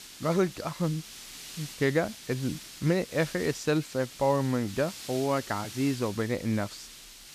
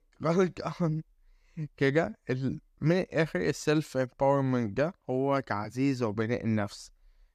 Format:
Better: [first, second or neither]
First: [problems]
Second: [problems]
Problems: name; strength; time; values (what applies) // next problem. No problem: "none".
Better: second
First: hiss; noticeable; throughout; 15 dB below the speech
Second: none